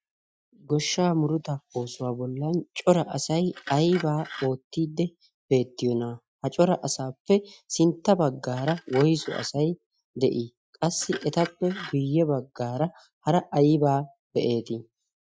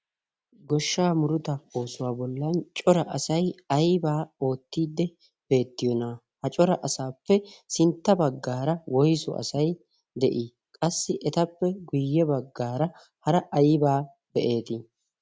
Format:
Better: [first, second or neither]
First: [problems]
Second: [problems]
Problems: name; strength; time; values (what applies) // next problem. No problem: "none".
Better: second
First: noise reduction (classical method Wiener filter)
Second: none